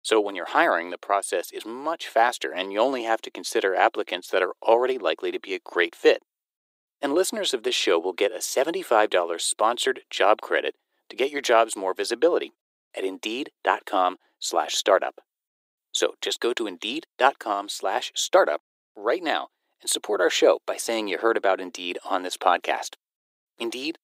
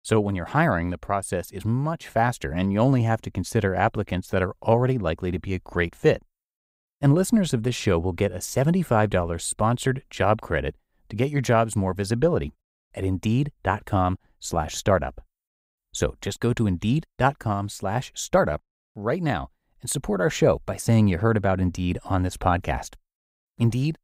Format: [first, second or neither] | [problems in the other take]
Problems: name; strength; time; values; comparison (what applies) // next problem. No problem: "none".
second | thin; very; fading below 350 Hz